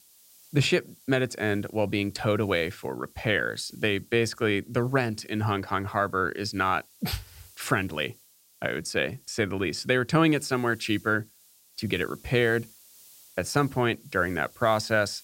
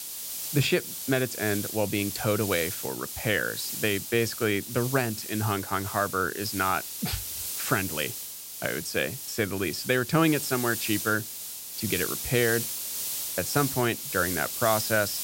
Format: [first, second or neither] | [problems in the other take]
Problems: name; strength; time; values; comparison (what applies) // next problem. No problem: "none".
first | hiss; loud; throughout; 4 dB below the speech; faint in the first